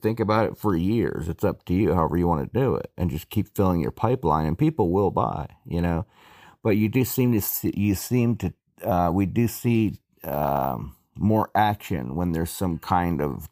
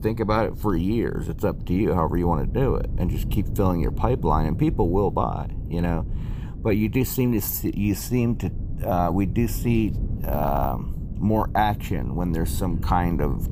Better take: first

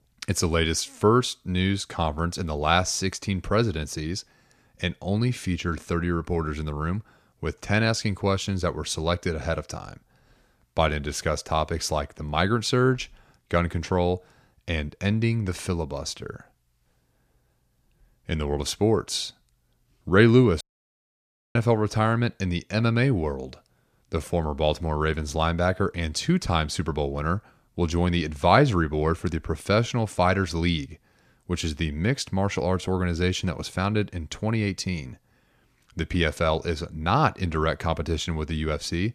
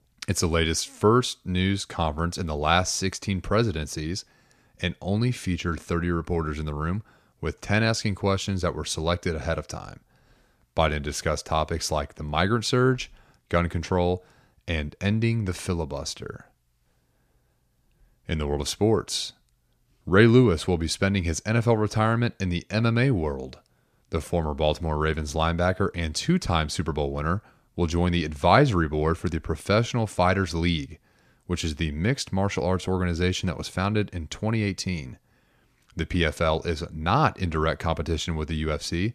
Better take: second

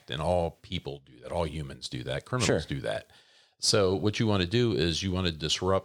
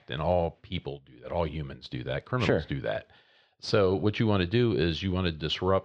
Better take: first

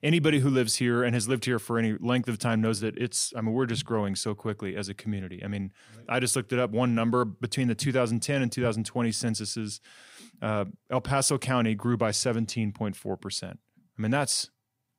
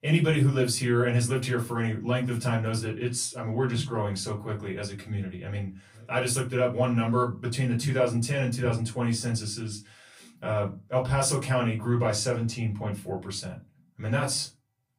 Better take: first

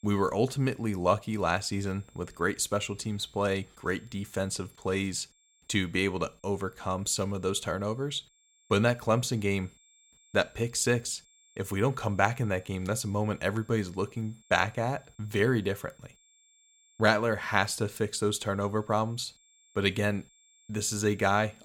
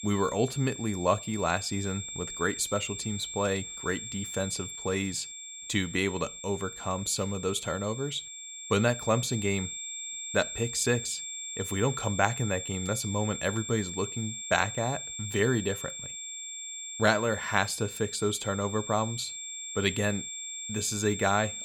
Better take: first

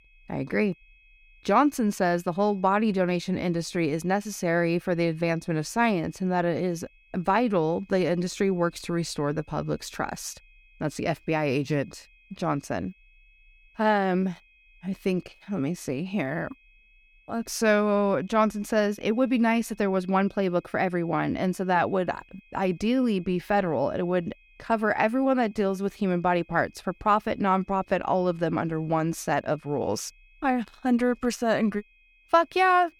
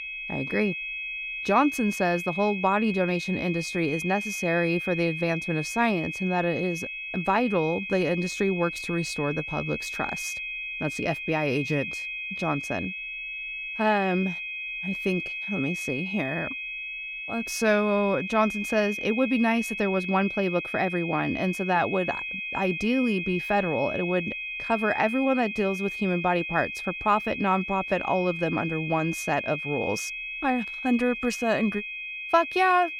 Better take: first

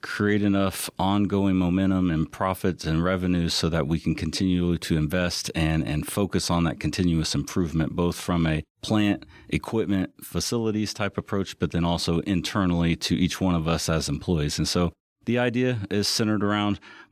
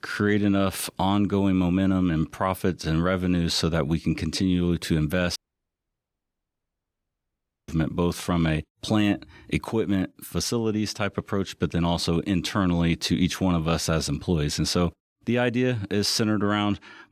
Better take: first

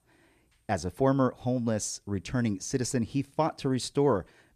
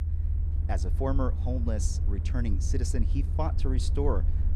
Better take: first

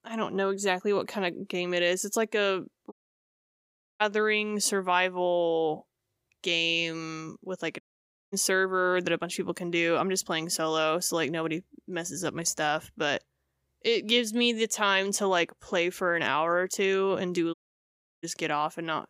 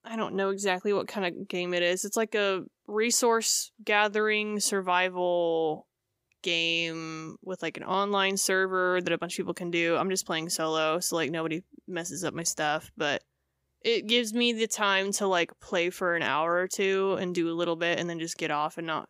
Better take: second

